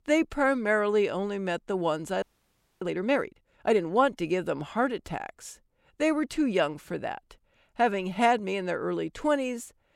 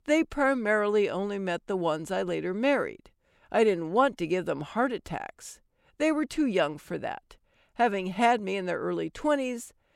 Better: second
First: audio freezing; at 2 s for 0.5 s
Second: none

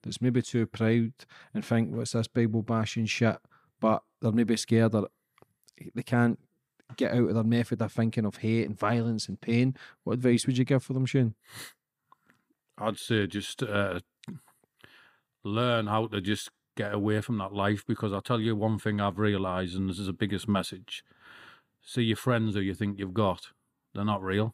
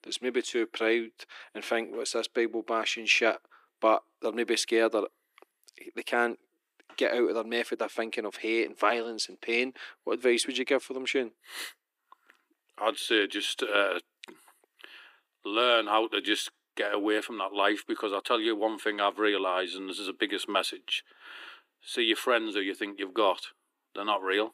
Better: first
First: none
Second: thin; very; fading below 300 Hz

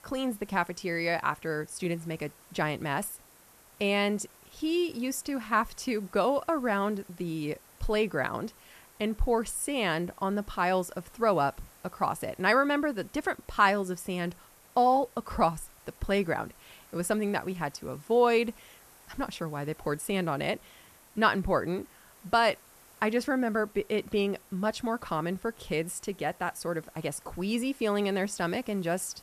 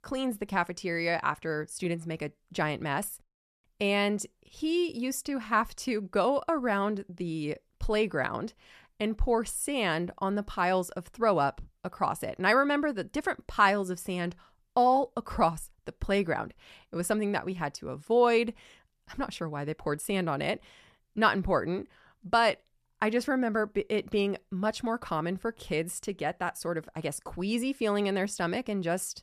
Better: second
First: hiss; faint; throughout; 25 dB below the speech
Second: none

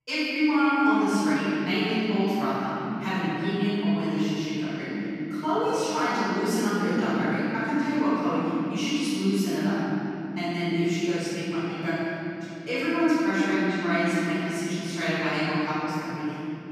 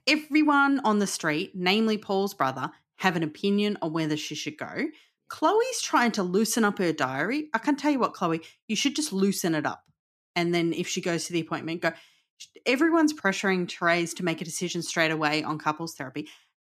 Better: second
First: room echo; strong; dies away in 3 s // off-mic speech; far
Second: none

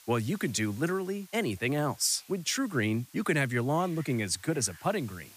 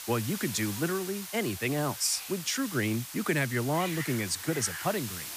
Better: first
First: hiss; faint; throughout; 20 dB below the speech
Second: hiss; loud; throughout; 7 dB below the speech

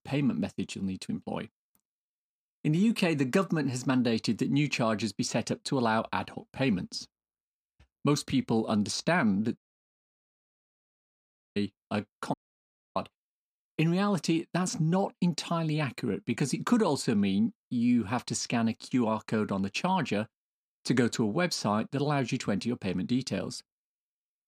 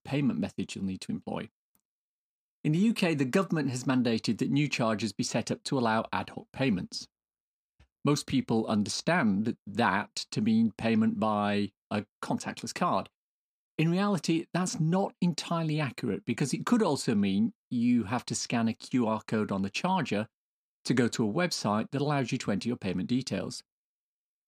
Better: second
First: audio cutting out; at 9.5 s for 2 s and at 12 s for 0.5 s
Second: none

